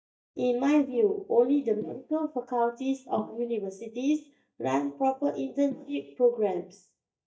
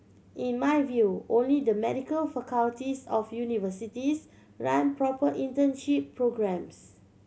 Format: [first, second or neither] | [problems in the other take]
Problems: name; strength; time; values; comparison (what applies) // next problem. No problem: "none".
second | noise reduction (neural mask model DeepFilterNet 3)